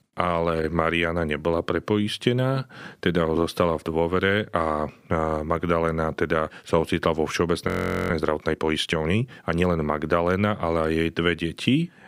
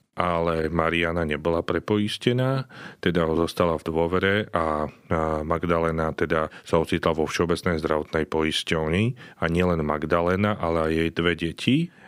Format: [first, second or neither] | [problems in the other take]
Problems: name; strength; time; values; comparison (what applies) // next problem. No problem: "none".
second | audio freezing; at 7.5 s